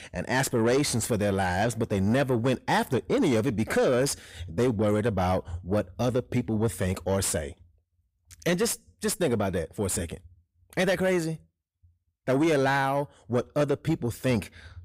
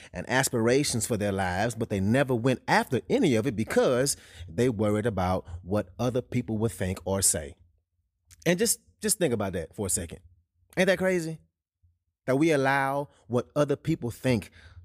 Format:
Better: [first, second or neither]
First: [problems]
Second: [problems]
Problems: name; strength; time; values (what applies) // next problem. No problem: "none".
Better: second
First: distortion; slight; 10 dB below the speech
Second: none